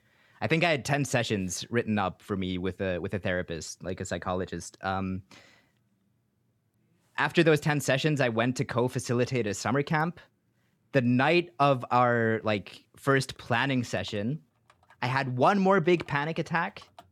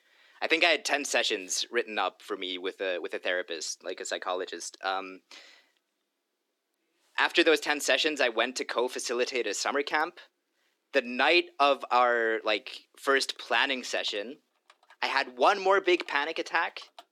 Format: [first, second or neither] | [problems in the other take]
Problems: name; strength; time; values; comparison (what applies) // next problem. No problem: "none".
first | thin; somewhat; fading below 300 Hz